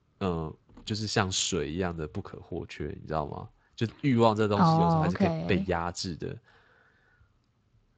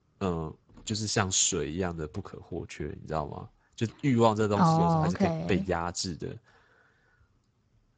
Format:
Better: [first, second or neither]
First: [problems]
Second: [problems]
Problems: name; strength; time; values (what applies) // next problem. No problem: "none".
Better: first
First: garbled, watery; slightly; nothing above 7.5 kHz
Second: garbled, watery; badly; nothing above 7.5 kHz